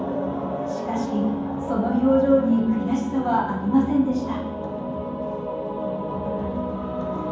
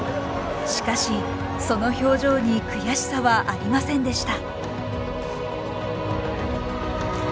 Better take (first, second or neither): second